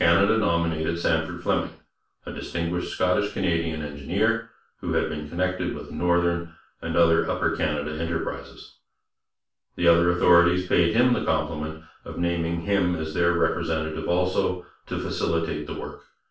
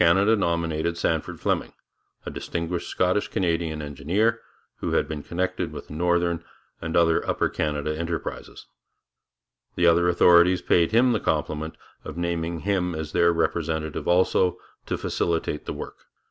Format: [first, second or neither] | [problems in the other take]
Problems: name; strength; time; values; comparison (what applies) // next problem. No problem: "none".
second | room echo; dies away in 0.3 s